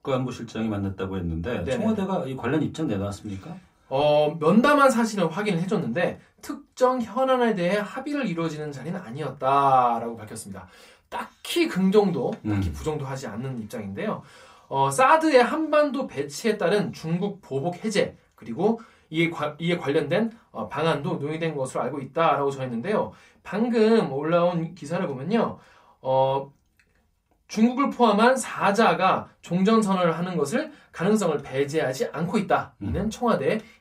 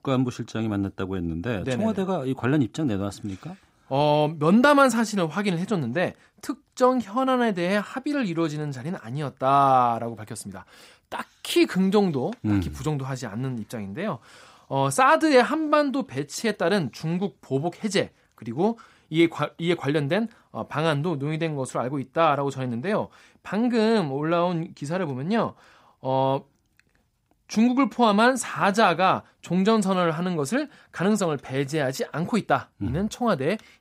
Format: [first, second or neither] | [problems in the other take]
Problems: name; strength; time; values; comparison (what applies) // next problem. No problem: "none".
second | off-mic speech; somewhat distant // room echo; very slight; dies away in 0.2 s